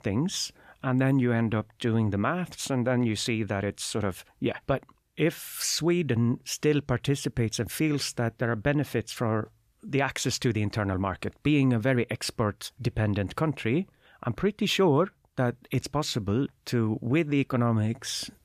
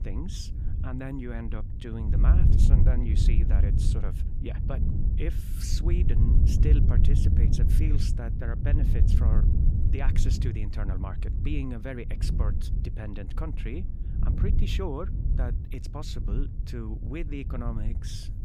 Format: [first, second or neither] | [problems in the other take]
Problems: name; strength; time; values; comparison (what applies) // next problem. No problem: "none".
first | wind noise on the microphone; heavy; 2 dB below the speech